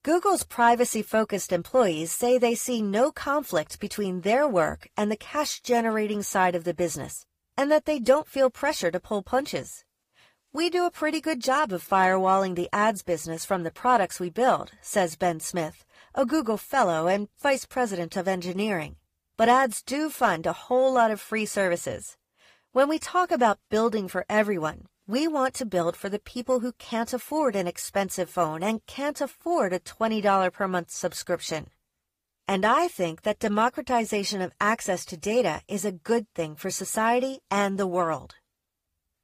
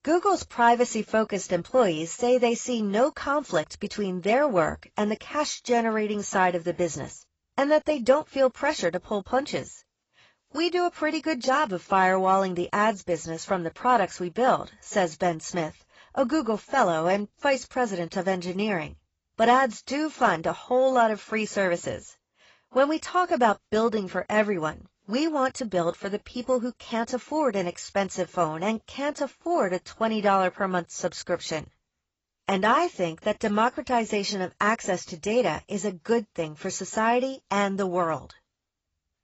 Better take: first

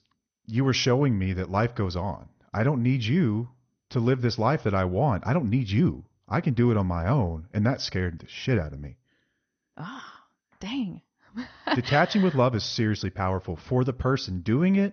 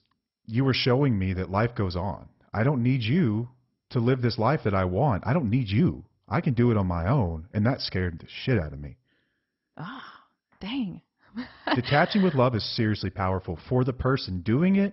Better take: first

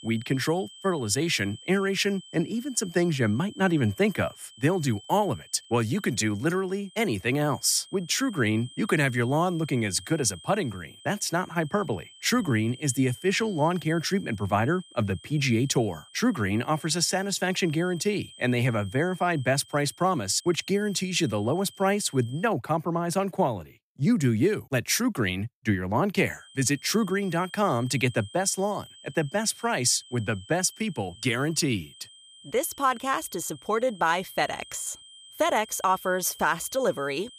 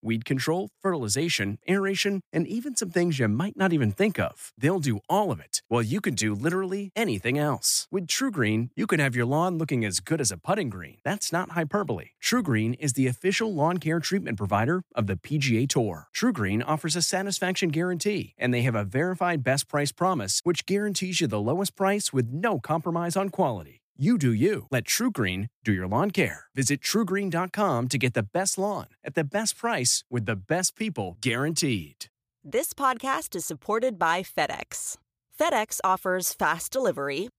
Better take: second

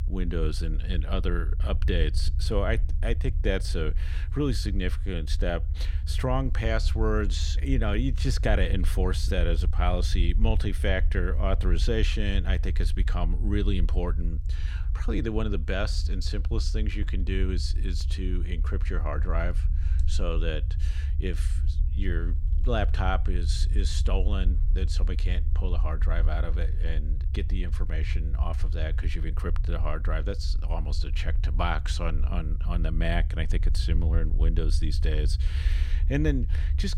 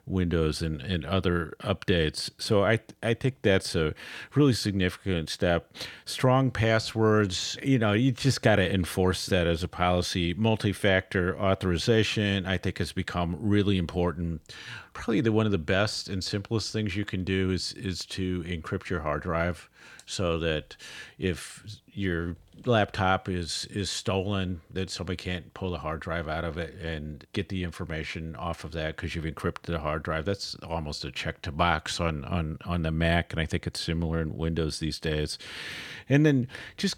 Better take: second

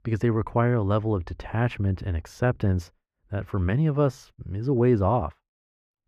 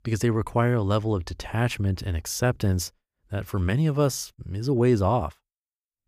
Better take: second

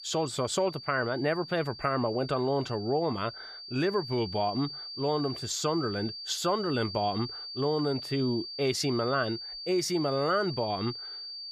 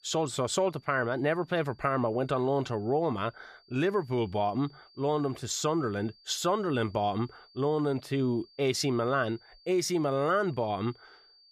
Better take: second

